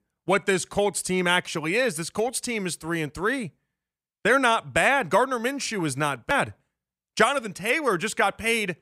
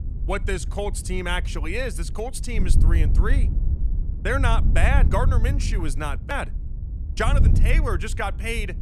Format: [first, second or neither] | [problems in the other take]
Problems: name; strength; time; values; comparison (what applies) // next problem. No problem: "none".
first | wind noise on the microphone; occasional gusts; 15 dB below the speech